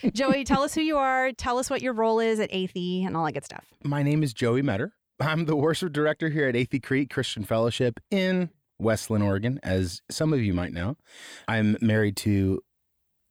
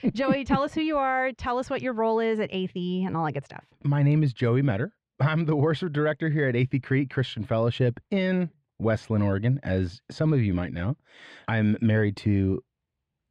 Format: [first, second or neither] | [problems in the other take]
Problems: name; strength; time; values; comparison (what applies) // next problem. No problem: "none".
first | muffled; slightly; fading above 3 kHz